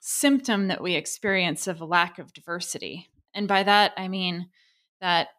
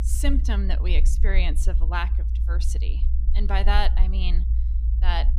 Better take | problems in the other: first | low rumble; noticeable; throughout; 15 dB below the speech

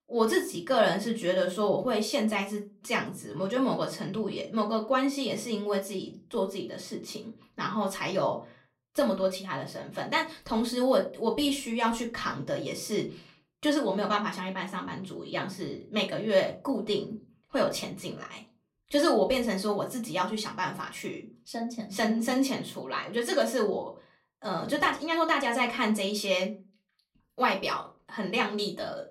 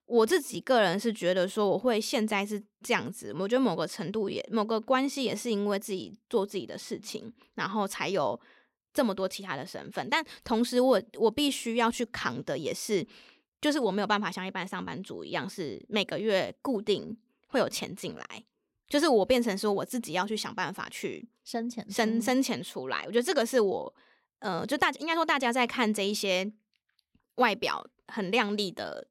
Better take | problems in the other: second | off-mic speech; far // room echo; very slight; dies away in 0.3 s

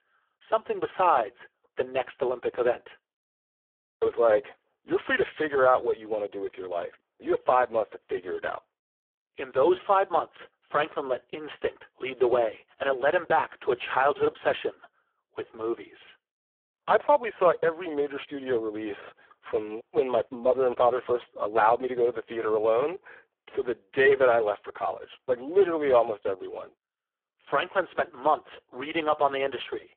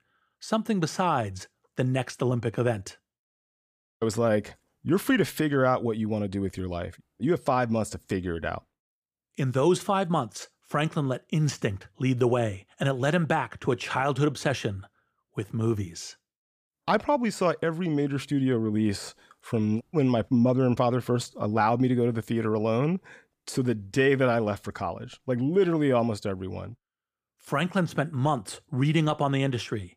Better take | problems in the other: second | phone-call audio; poor line

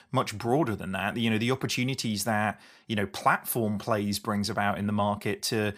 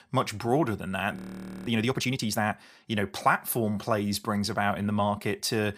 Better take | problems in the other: first | audio freezing; at 1 s for 0.5 s

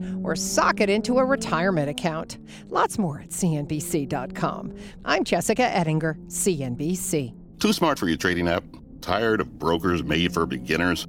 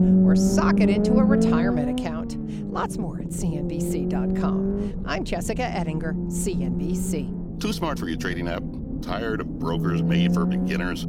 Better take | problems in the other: first | low rumble; loud; throughout; as loud as the speech; faint in the first

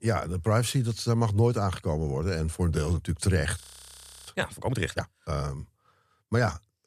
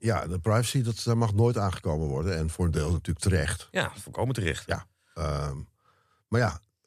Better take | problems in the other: second | audio freezing; at 3.5 s for 0.5 s

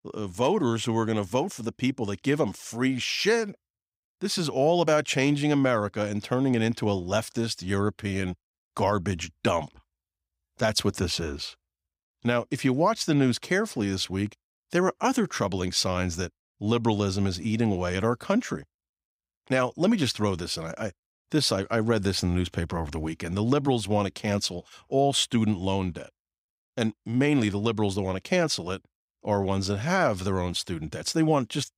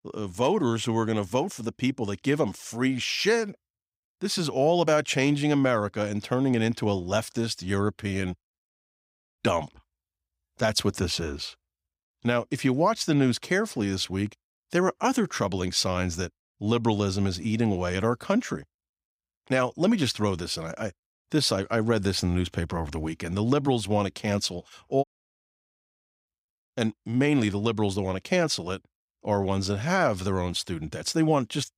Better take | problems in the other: first | audio cutting out; at 8.5 s for 0.5 s and at 25 s for 1 s

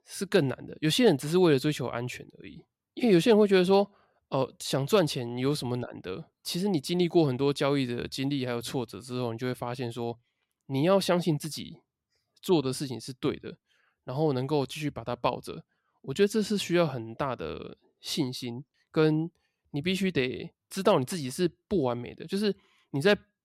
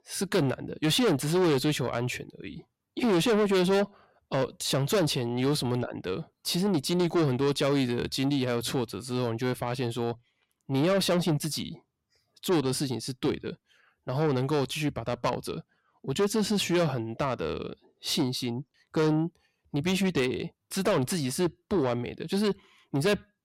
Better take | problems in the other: first | distortion; heavy; 7 dB below the speech

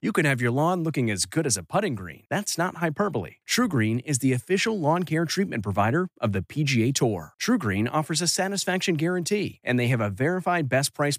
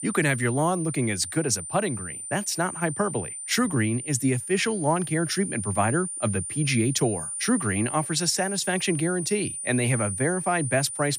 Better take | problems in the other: first | high-pitched whine; loud; throughout; 9.5 kHz, 6 dB below the speech

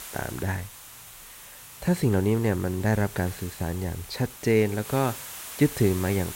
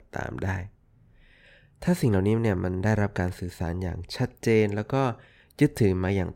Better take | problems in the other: second | hiss; noticeable; throughout; 15 dB below the speech

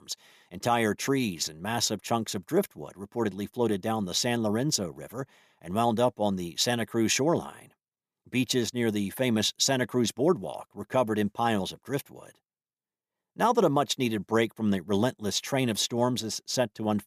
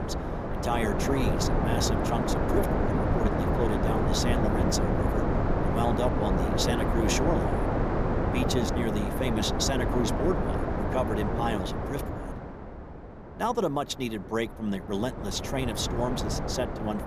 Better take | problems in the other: first | wind noise on the microphone; heavy; 1 dB above the speech

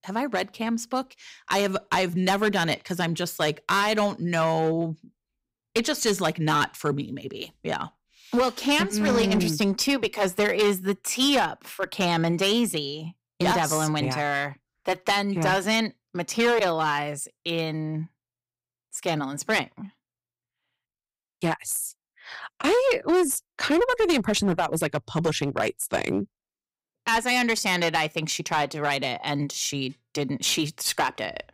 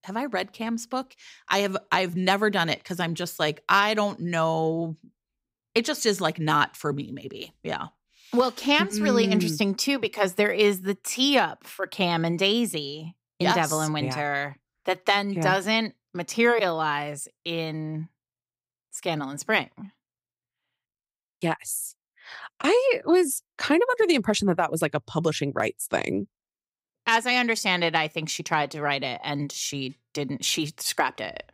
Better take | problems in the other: second | distortion; slight; 6% of the sound clipped

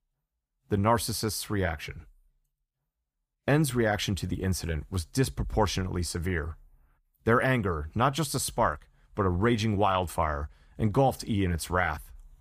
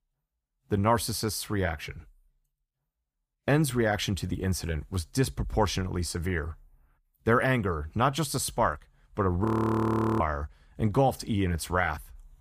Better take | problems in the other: first | audio freezing; at 9.5 s for 1 s

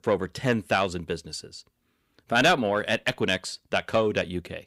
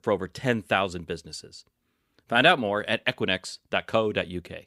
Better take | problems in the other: second | distortion; slight; 10 dB below the speech

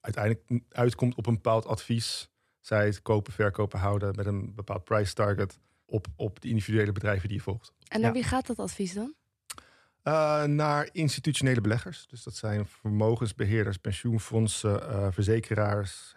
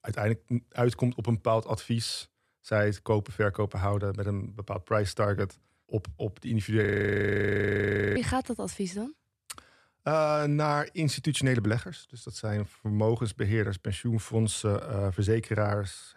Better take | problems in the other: first | audio freezing; at 7 s for 1.5 s

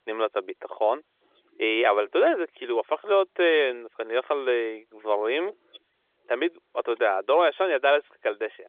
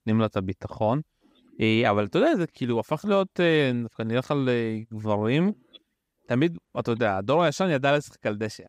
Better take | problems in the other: second | phone-call audio; nothing above 3.5 kHz

